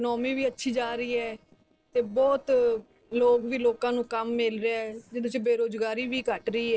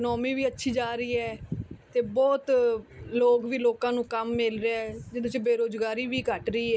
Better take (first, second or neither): second